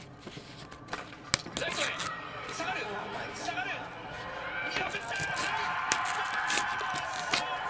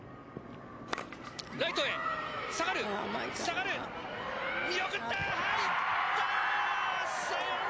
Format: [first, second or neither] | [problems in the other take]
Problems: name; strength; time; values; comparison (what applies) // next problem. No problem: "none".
second | background sound (Tearing); 5 dB below the speech // room echo; dies away in 1.9 s